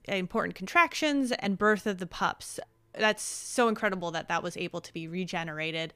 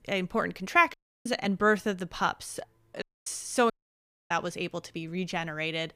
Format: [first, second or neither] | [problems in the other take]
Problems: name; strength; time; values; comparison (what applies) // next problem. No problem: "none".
first | audio cutting out; at 1 s, at 3 s and at 3.5 s for 0.5 s